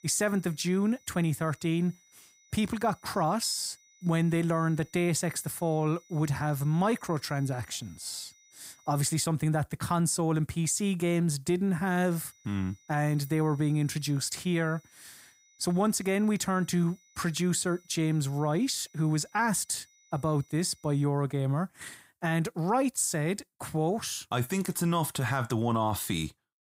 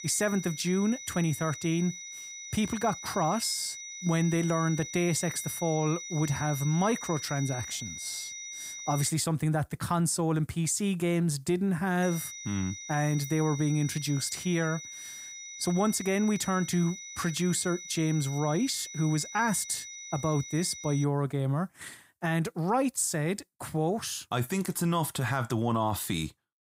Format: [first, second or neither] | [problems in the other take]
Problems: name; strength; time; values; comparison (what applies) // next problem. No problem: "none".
first | high-pitched whine; loud; until 9 s and from 12 to 21 s; 6 kHz, 10 dB below the speech; faint in the first